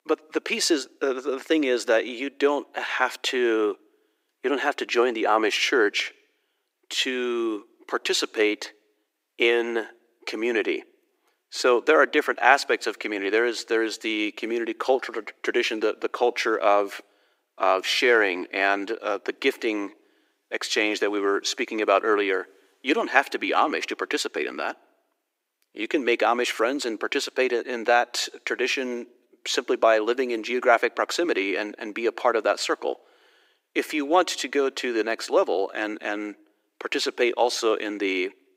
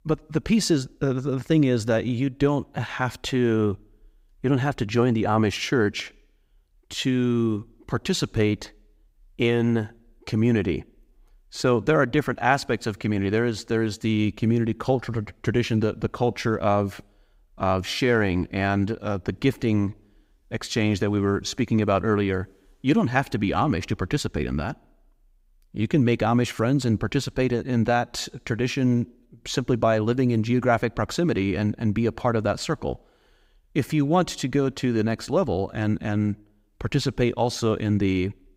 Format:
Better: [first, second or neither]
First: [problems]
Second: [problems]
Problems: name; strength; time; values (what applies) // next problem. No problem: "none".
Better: second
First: thin; very; fading below 350 Hz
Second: none